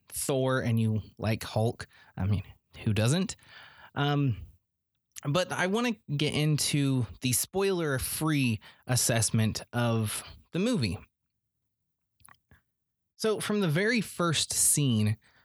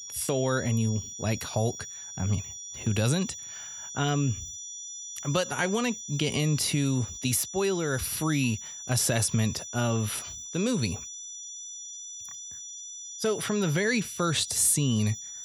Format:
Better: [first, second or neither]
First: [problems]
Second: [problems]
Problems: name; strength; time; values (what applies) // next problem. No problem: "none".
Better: first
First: none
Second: high-pitched whine; loud; throughout; 6 kHz, 10 dB below the speech